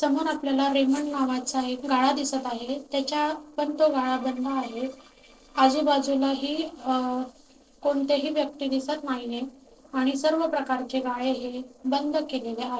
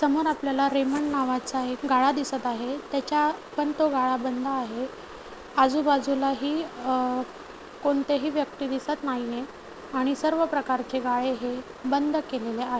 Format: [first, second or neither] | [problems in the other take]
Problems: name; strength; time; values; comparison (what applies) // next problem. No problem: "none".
second | noise reduction (neural separator model SepFormer DNS4)